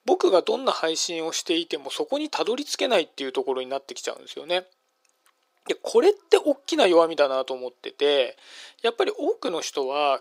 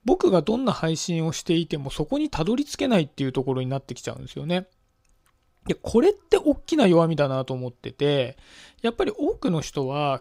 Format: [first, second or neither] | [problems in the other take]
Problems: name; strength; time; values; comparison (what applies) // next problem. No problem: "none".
second | thin; somewhat; fading below 350 Hz